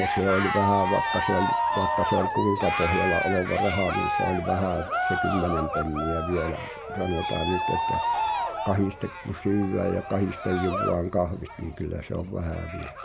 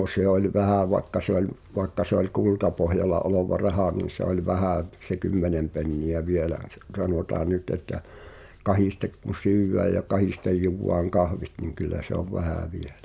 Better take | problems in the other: second | background sound (Cheering); 1 dB below the speech

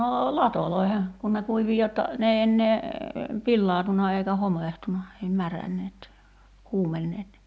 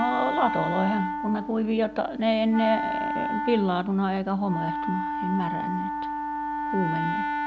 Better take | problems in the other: first | background sound (Wind instrument, woodwind instrument); 3 dB below the speech

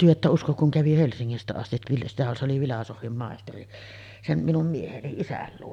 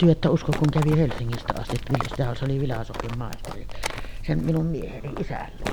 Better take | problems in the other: first | background sound (Livestock, farm animals, working animals); 6 dB below the speech

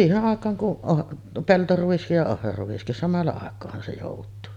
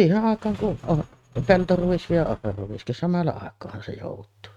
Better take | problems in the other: first | noise reduction (neural mask model RNNoise)

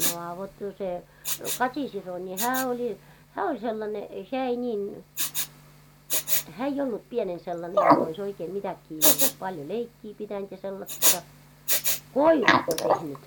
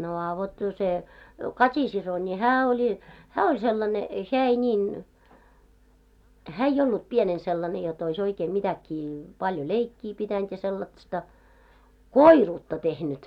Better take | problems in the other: second | background sound (Respiratory sounds); 2 dB above the speech

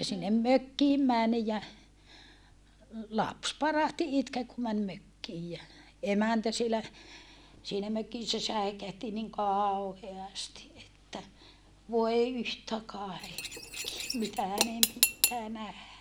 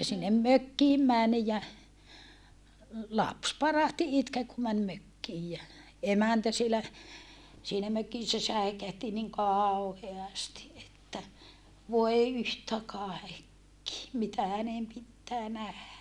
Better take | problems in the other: second | background sound (Cutlery, silverware / Dishes, pots, and pans); as loud as the speech

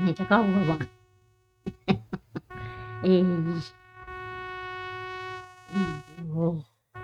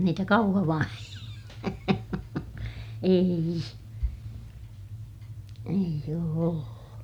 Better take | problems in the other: second | noise reduction (neural mask model RNNoise)

